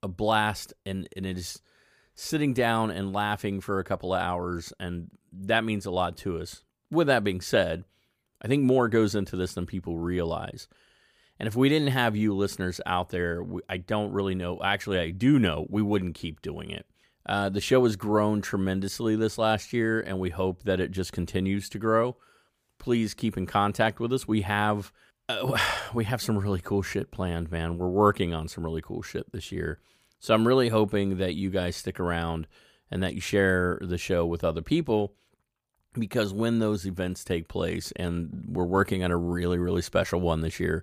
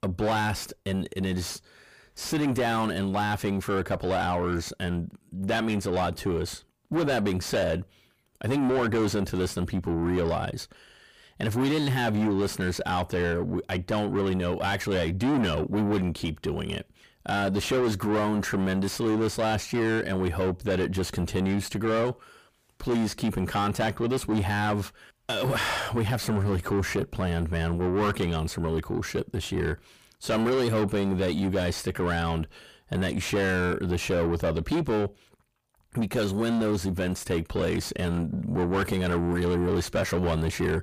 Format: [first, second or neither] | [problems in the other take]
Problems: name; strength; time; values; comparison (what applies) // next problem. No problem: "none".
first | distortion; heavy; 6 dB below the speech